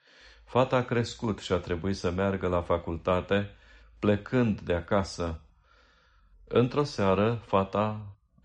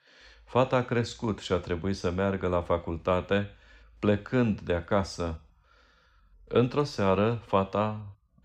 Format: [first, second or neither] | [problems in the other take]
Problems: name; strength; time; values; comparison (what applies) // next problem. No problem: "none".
second | garbled, watery; slightly